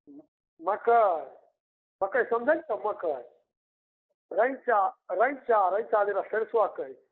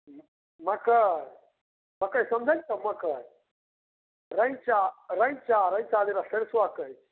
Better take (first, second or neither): second